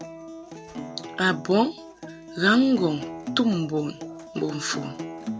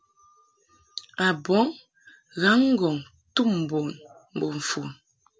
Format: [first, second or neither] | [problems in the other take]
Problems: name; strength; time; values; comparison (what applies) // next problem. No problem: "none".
second | background sound (Acoustic guitar); 11 dB below the speech